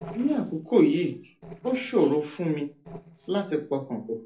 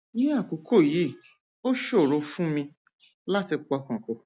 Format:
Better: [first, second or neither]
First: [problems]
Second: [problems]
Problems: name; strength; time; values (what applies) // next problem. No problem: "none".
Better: second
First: noise reduction (neural separator model SepFormer DNS4)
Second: none